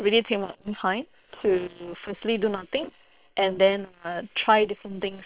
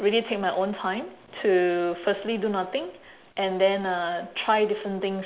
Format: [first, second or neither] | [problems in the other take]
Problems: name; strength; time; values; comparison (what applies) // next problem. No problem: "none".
second | noise reduction (neural separator model SepFormer WHAM!)